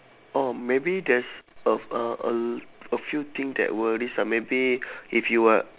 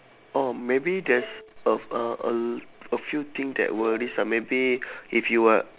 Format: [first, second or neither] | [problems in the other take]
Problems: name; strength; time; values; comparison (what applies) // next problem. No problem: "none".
first | background sound (Bowed string instrument); 17 dB below the speech